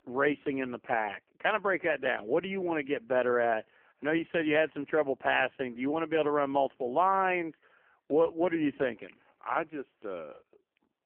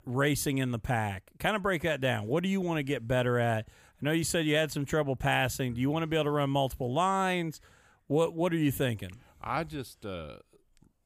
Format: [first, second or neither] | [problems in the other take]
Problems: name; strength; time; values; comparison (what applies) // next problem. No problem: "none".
second | phone-call audio; poor line; nothing above 3 kHz